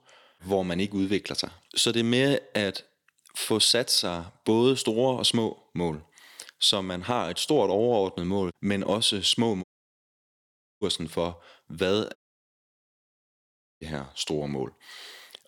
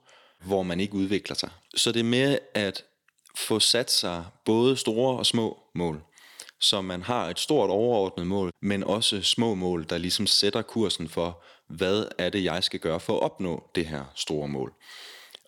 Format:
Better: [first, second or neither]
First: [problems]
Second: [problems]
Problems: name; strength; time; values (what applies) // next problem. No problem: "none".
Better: second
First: audio cutting out; at 9.5 s for 1 s and at 12 s for 1.5 s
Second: none